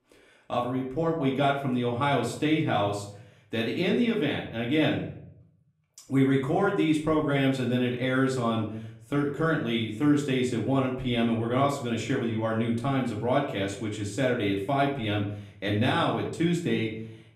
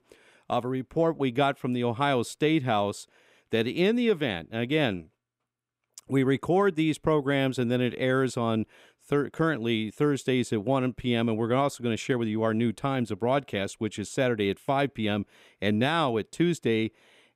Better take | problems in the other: second | room echo; slight; dies away in 0.5 s // off-mic speech; far

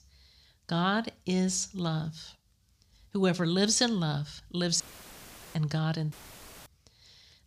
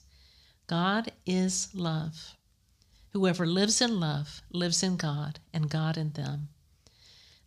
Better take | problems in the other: second | audio cutting out; filled with static; at 5 s for 1 s and at 6 s for 0.5 s

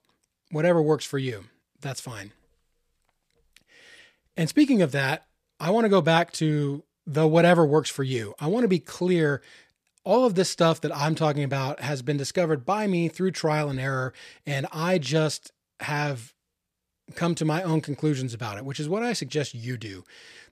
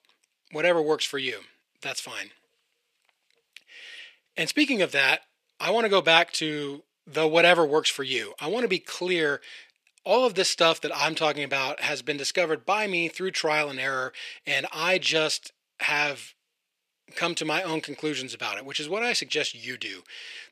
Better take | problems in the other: first | thin; somewhat; fading below 350 Hz

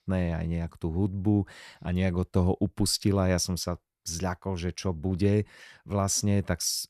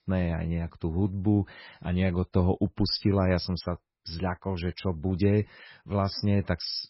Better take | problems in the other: first | garbled, watery; badly; nothing above 5.5 kHz

